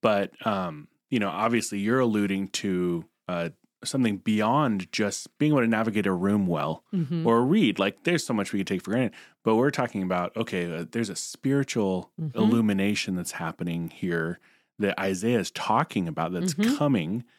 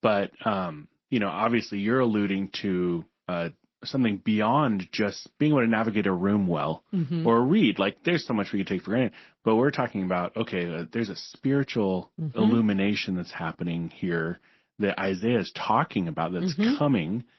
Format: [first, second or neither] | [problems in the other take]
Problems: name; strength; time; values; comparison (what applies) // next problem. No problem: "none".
first | garbled, watery; slightly; nothing above 5.5 kHz